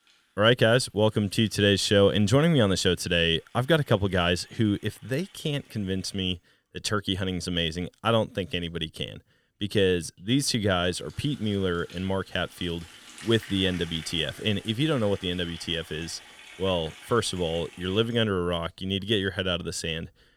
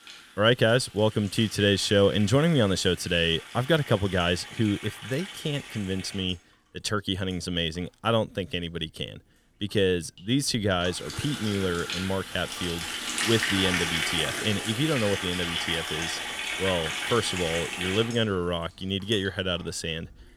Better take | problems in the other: first | household noises; loud; throughout; 5 dB below the speech; faint in the first

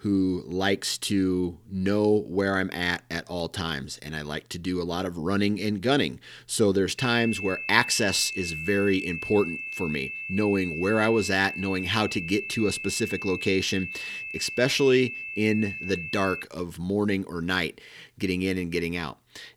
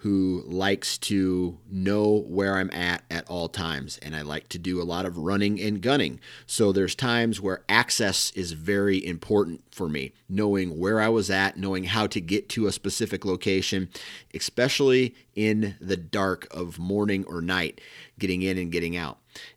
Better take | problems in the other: second | high-pitched whine; loud; from 7 to 16 s; 2.5 kHz, 7 dB below the speech

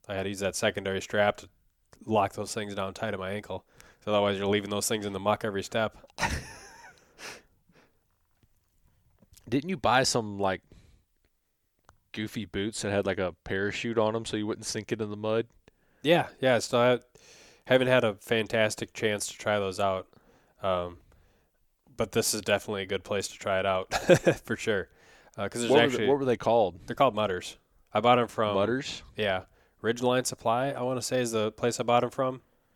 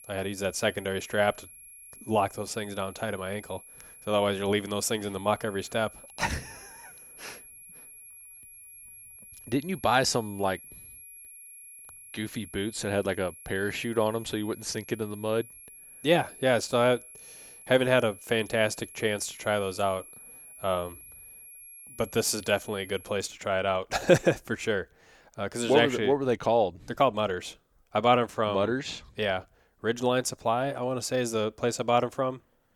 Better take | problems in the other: first | high-pitched whine; noticeable; until 23 s; 11 kHz, 20 dB below the speech

